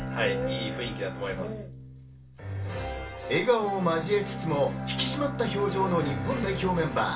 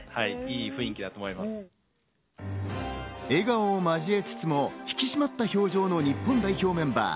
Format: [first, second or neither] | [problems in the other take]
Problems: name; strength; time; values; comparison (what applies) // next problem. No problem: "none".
second | background sound (Bowed string instrument); 7 dB below the speech // room echo; dies away in 0.3 s